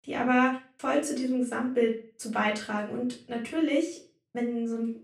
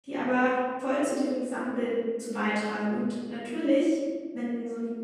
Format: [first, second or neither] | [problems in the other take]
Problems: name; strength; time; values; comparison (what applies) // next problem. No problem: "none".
first | room echo; strong; dies away in 1.4 s; slight in the first // off-mic speech; far; far in the first